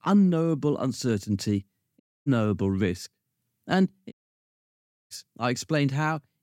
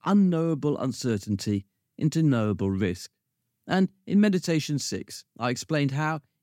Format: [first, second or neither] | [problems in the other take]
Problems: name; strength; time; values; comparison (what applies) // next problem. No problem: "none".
second | audio cutting out; at 2 s and at 4 s for 1 s